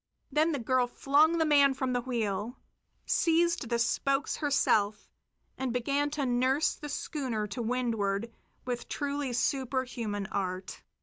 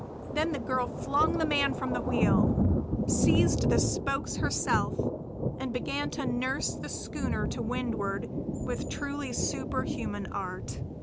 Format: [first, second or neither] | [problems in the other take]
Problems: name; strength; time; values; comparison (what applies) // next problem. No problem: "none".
first | background sound (Thunder); 2 dB above the speech